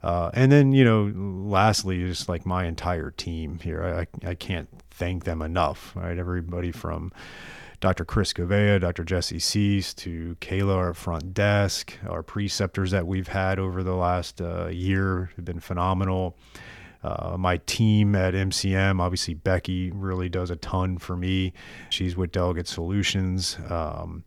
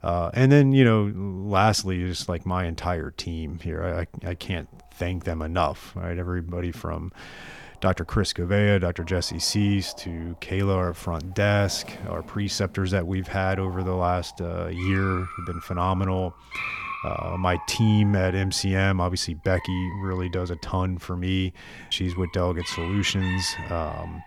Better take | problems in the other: first | animal sounds; noticeable; throughout; 15 dB below the speech

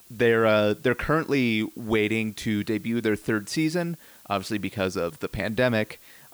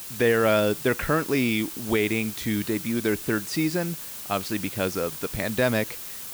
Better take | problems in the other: first | hiss; loud; throughout; 9 dB below the speech; faint in the first

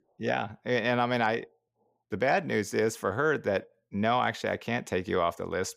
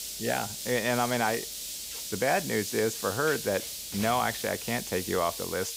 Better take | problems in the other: first | hiss; loud; throughout; 5 dB below the speech

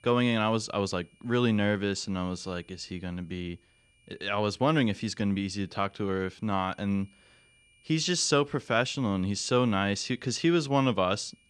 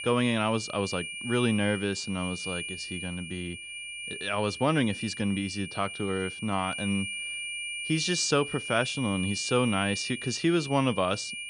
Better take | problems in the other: first | high-pitched whine; loud; throughout; 2.5 kHz, 6 dB below the speech; faint in the first

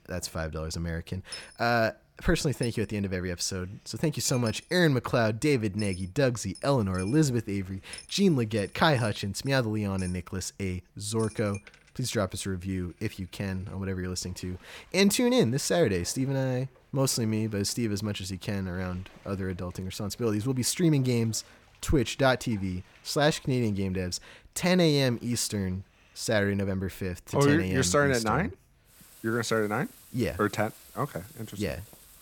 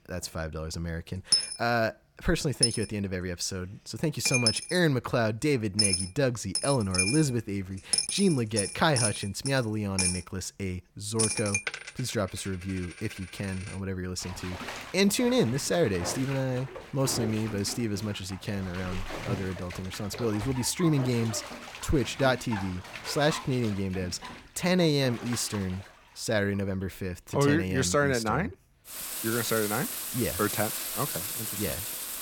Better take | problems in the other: first | household noises; loud; throughout; 2 dB below the speech; faint in the first

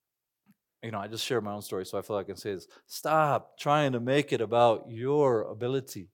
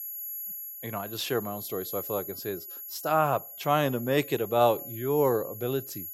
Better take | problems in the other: first | high-pitched whine; loud; throughout; 11.5 kHz, 9 dB below the speech

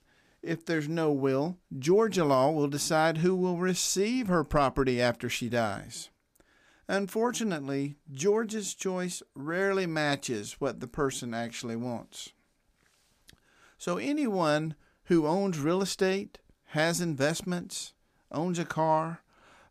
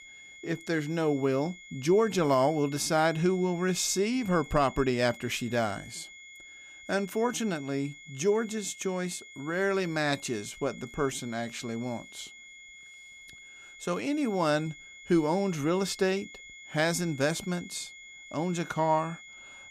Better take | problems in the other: first | high-pitched whine; noticeable; throughout; 2 kHz, 15 dB below the speech

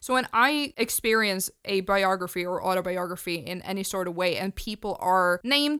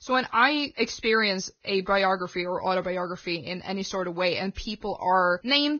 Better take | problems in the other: first | garbled, watery; badly; nothing above 6.5 kHz

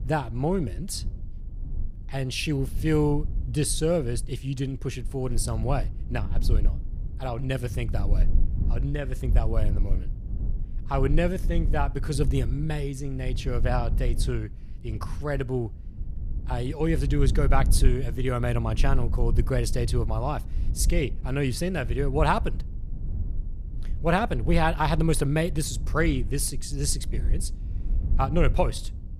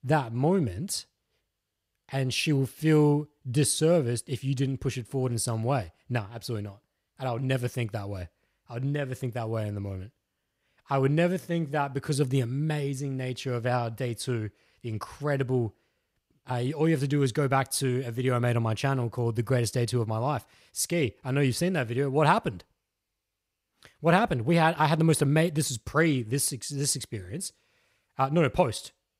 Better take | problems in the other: second | low rumble; noticeable; throughout; 20 dB below the speech

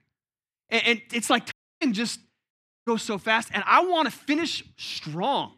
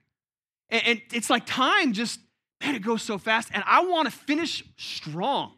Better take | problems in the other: second | audio cutting out; at 1.5 s and at 2.5 s

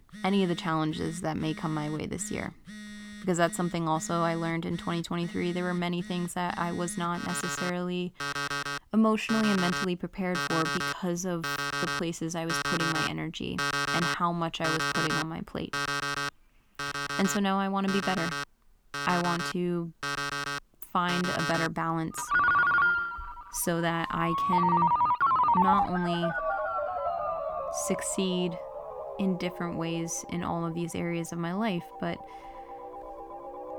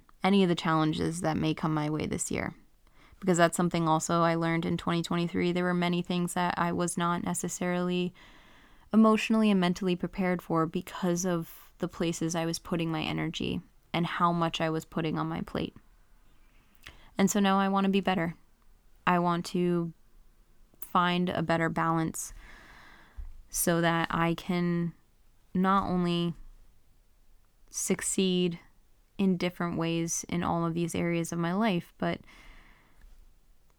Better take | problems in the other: second | alarms or sirens; very loud; throughout; 1 dB above the speech

